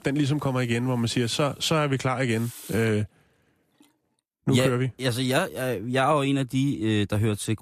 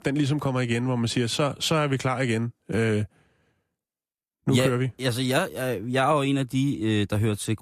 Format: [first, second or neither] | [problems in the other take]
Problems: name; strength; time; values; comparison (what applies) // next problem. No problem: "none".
second | household noises; faint; until 4 s; 20 dB below the speech